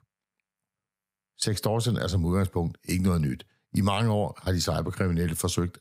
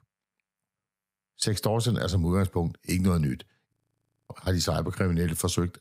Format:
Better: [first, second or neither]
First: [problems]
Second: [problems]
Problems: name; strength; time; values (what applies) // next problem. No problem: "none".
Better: first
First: none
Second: audio freezing; at 3.5 s for 0.5 s